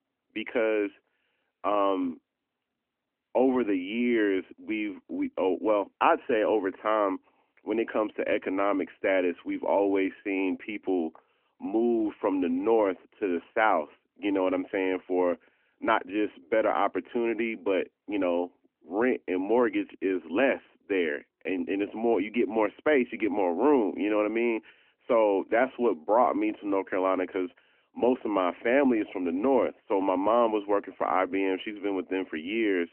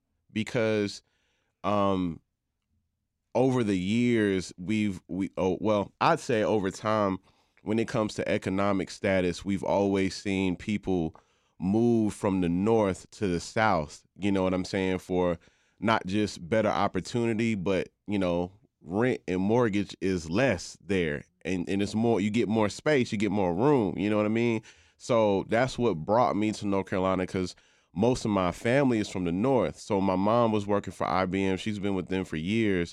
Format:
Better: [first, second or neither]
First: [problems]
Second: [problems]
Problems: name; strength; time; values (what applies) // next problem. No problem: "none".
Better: second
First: phone-call audio; nothing above 3 kHz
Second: none